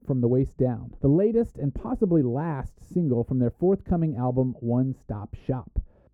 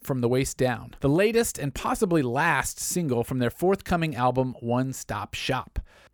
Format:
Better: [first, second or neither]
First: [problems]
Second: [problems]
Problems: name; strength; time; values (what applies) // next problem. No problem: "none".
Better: second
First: muffled; very; fading above 1 kHz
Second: none